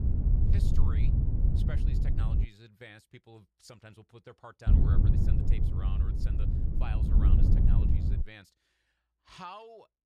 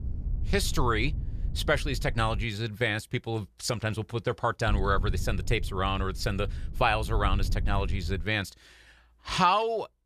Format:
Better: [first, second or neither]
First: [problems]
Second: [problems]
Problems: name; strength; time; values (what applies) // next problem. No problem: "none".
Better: second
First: wind noise on the microphone; heavy; until 2.5 s and from 4.5 to 8 s; 5 dB above the speech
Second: wind noise on the microphone; occasional gusts; until 2.5 s and from 4.5 to 8 s; 20 dB below the speech